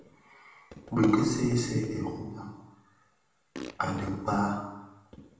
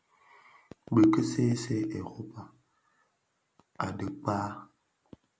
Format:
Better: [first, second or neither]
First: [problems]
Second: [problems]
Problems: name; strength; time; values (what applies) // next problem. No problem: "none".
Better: second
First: background sound (Fart); 14 dB below the speech // room echo; dies away in 0.8 s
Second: none